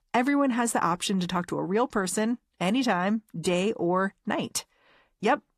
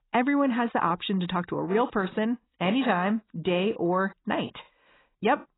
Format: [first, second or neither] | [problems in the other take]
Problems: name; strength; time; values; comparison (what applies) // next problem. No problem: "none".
first | garbled, watery; badly; nothing above 4 kHz; slightly in the first